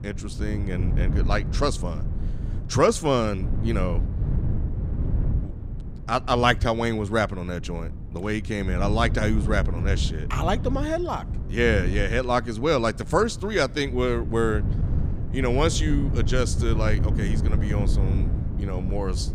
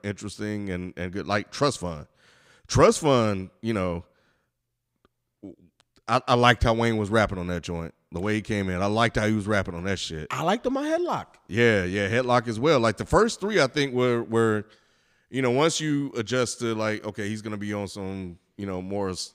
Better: second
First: wind noise on the microphone; occasional gusts; 15 dB below the speech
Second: none

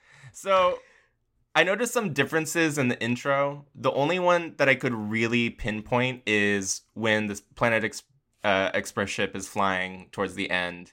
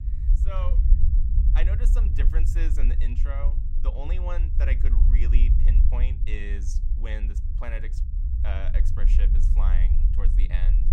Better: first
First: none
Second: low rumble; loud; throughout; 5 dB below the speech

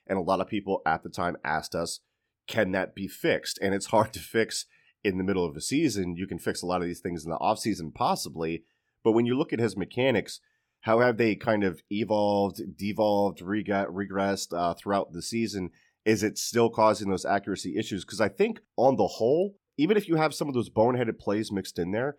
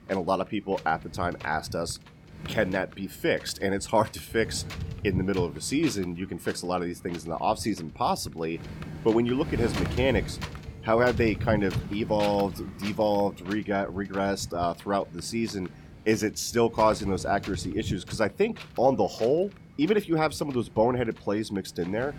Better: first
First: none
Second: wind noise on the microphone; occasional gusts; 15 dB below the speech

